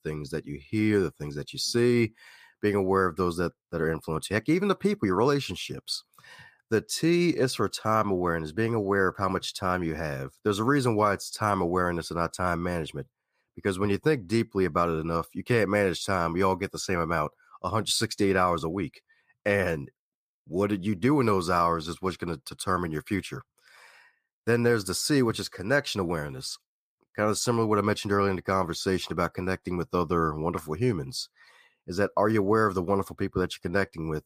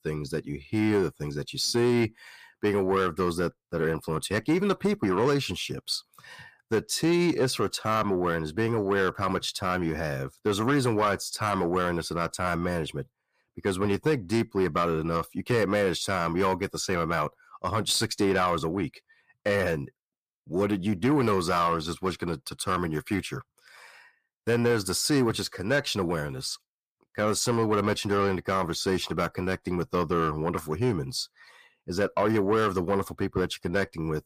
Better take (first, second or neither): first